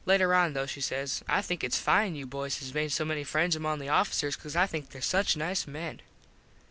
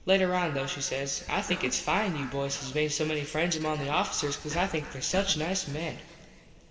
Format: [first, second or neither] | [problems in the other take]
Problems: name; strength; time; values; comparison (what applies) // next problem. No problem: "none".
first | background sound (Cough); 19 dB below the speech // room echo; dies away in 2.3 s